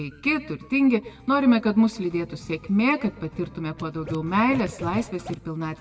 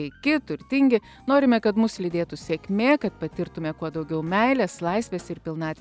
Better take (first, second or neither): second